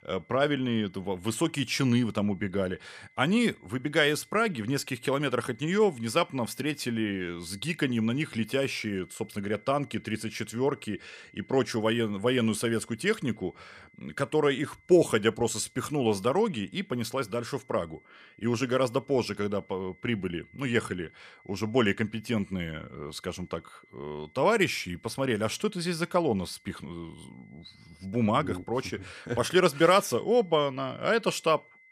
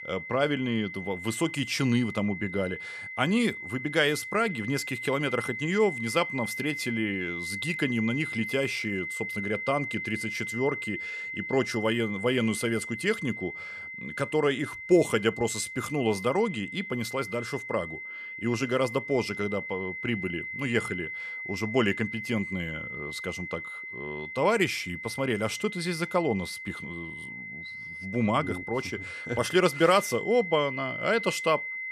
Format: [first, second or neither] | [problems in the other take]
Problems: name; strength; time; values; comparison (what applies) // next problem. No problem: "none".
first | high-pitched whine; loud; throughout; 2 kHz, 7 dB below the speech; faint in the first